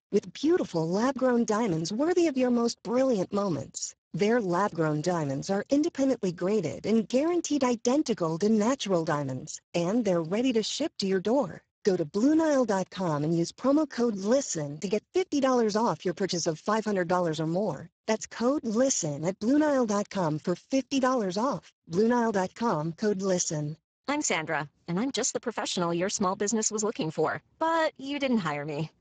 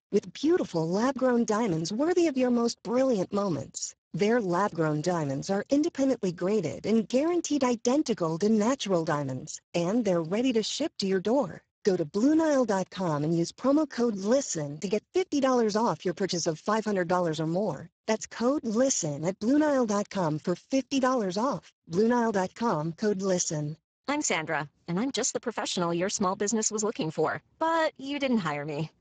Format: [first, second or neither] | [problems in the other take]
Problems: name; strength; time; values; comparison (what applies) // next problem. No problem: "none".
neither | garbled, watery; badly; nothing above 7.5 kHz; the same in both